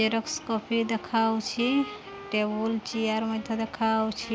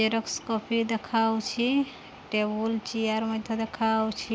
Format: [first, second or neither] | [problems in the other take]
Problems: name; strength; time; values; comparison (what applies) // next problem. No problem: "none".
second | background sound (Wind instrument, woodwind instrument); 17 dB below the speech